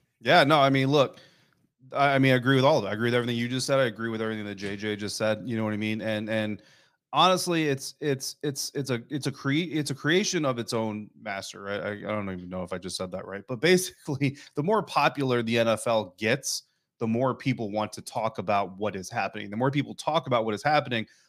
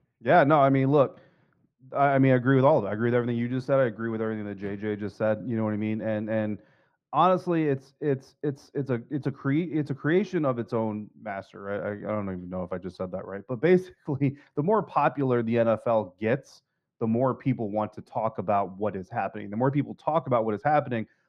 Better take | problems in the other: first | muffled; very; fading above 3 kHz

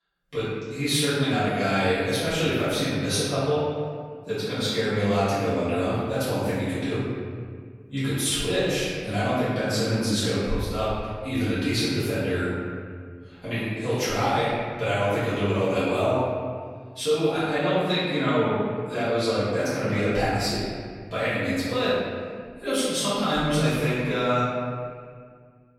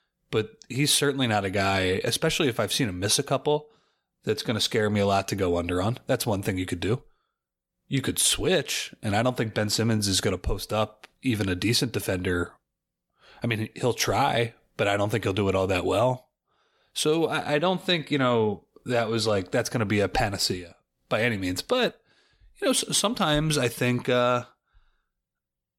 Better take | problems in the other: second | room echo; strong; dies away in 1.9 s // off-mic speech; far

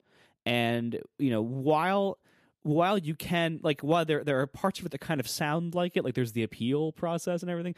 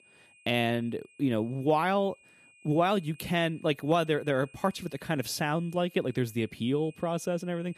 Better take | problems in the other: first | high-pitched whine; faint; throughout; 2.5 kHz, 25 dB below the speech

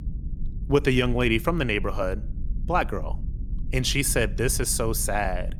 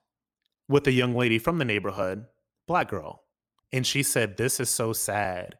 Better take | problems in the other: second | low rumble; faint; throughout; 25 dB below the speech

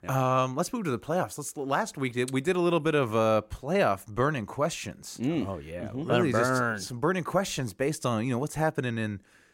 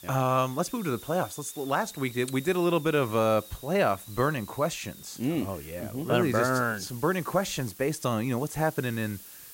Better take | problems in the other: first | hiss; noticeable; throughout; 15 dB below the speech

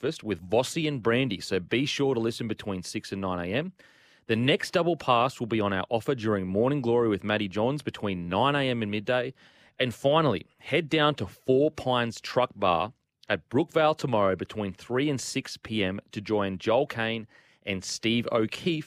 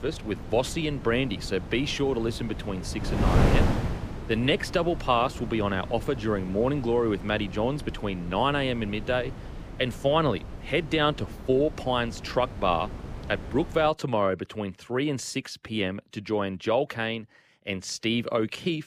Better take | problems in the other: first | wind noise on the microphone; occasional gusts; until 14 s; 10 dB below the speech

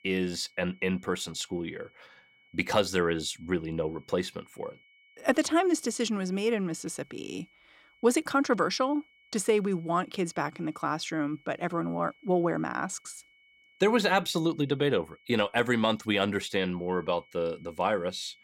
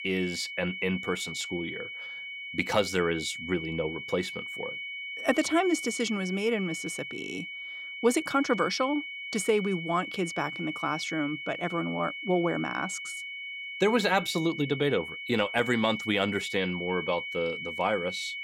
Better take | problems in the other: first | high-pitched whine; loud; throughout; 2 kHz, 6 dB below the speech; faint in the first

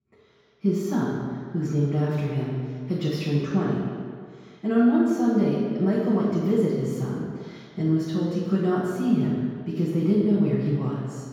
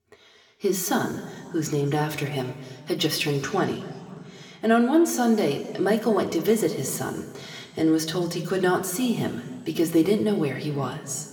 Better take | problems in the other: second | room echo; strong; dies away in 2 s; slight in the second // off-mic speech; far

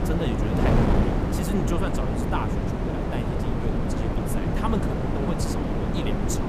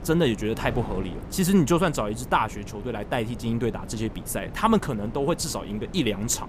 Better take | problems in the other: second | wind noise on the microphone; heavy; 4 dB above the speech; occasional gusts in the second

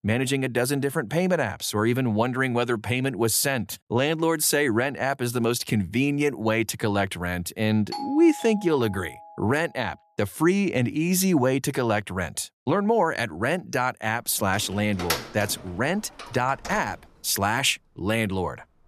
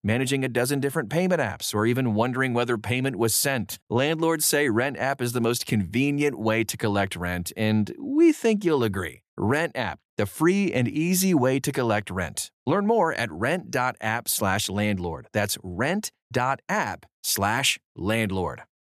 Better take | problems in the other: second | doorbell; noticeable; from 8 to 9.5 s; peak 9 dB below the speech // door banging; noticeable; from 15 to 17 s; peak 3 dB below the speech

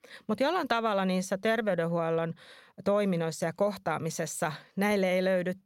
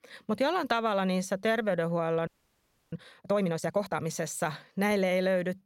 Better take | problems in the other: first | audio freezing; at 2.5 s for 0.5 s

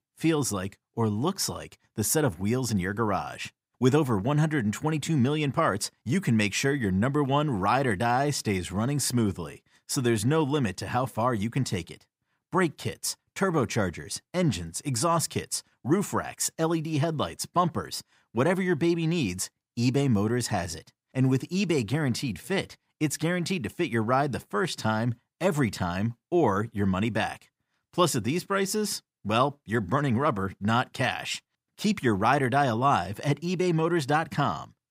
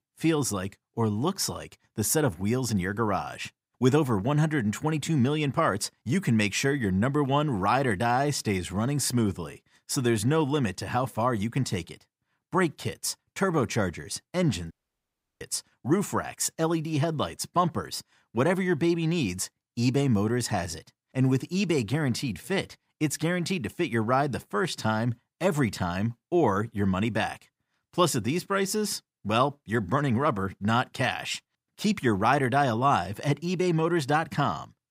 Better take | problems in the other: first | audio cutting out; at 15 s for 0.5 s

